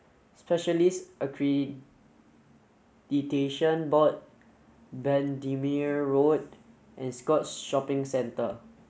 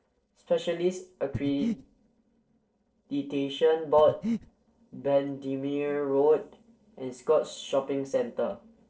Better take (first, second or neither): first